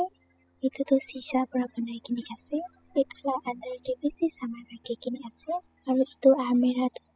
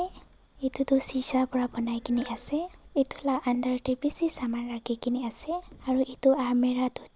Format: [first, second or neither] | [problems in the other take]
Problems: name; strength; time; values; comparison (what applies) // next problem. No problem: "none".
second | noise reduction (classical method spectral subtraction)